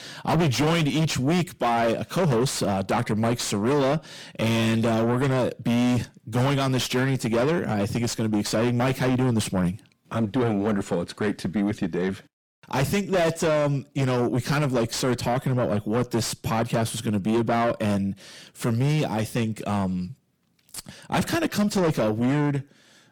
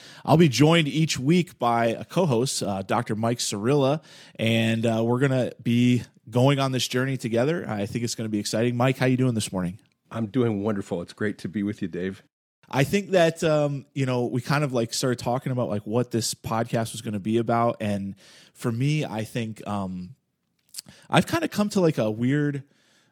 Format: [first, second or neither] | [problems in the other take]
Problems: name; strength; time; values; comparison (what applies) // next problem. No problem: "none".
second | distortion; heavy; 6 dB below the speech